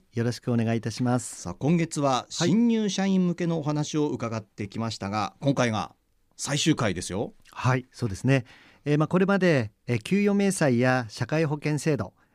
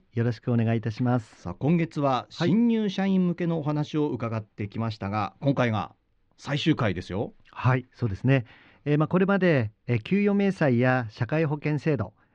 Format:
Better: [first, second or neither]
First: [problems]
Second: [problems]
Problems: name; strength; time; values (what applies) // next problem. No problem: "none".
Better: first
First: none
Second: muffled; slightly; fading above 3.5 kHz